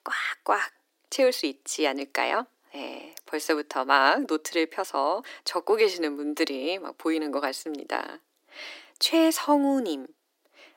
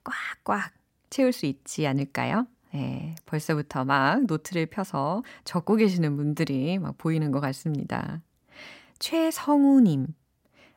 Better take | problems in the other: second | thin; somewhat; fading below 300 Hz

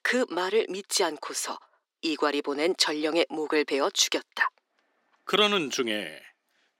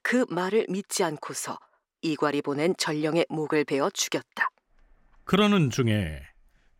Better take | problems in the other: second | thin; somewhat; fading below 300 Hz

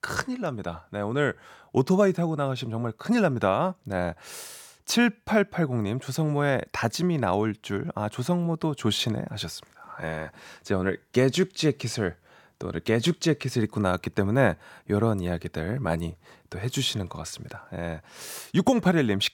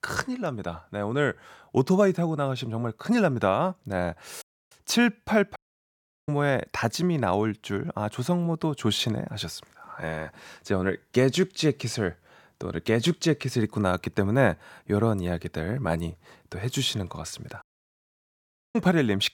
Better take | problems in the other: first | audio cutting out; at 4.5 s, at 5.5 s for 0.5 s and at 18 s for 1 s

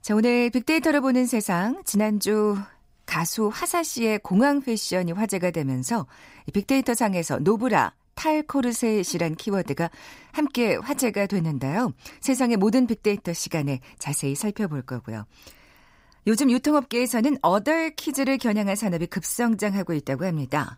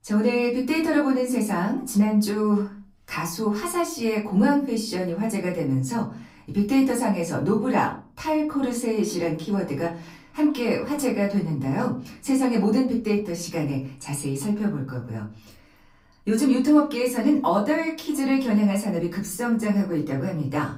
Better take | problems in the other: first | off-mic speech; far // room echo; very slight; dies away in 0.4 s

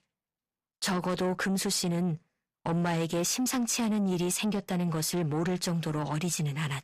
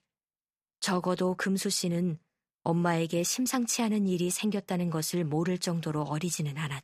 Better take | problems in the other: second | distortion; slight; 10 dB below the speech

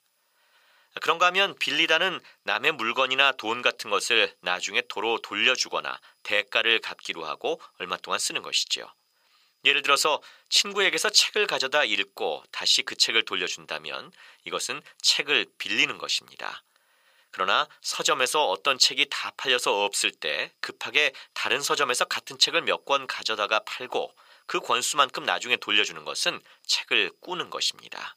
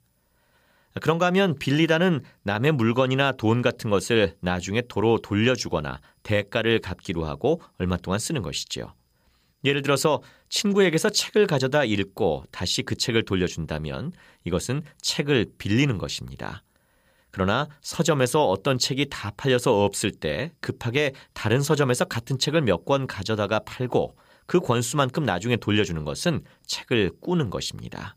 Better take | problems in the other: second | thin; very; fading below 600 Hz

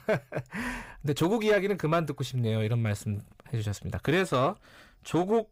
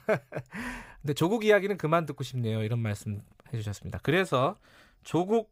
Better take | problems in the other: second | distortion; slight; 10 dB below the speech

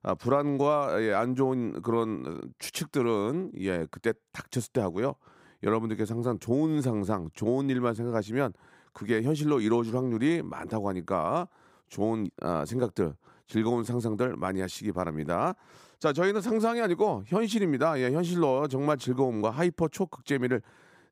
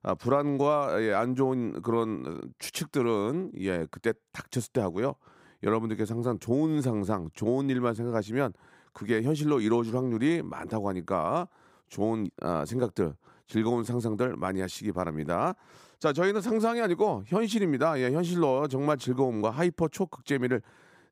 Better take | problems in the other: neither | none

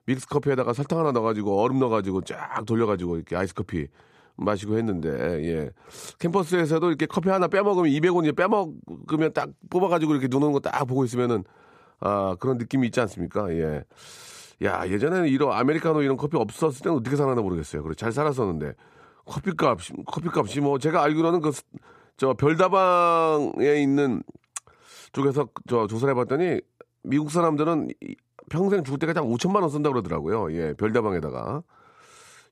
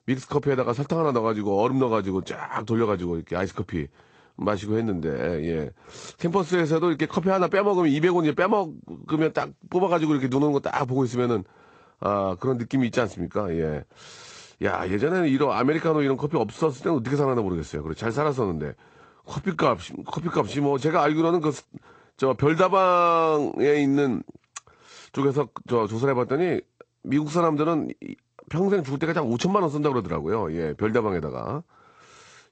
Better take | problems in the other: first | garbled, watery; slightly; nothing above 8 kHz

